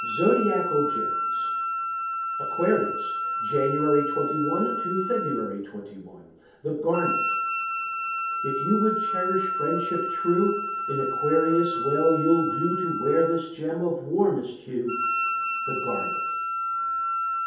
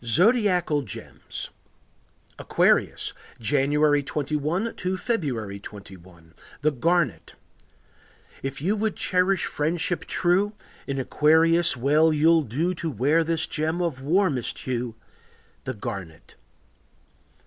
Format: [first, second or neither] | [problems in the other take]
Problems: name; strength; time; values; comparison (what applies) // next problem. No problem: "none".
second | background sound (Wind instrument, woodwind instrument); 2 dB below the speech // room echo; dies away in 0.7 s